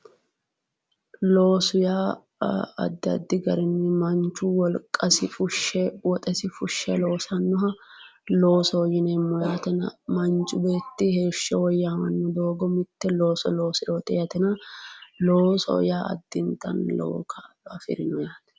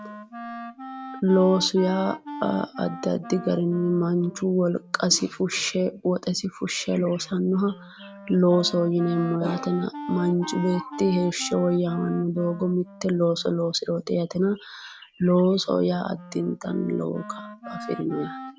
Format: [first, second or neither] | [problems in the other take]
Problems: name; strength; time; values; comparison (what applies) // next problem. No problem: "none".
first | background sound (Wind instrument, woodwind instrument); 15 dB below the speech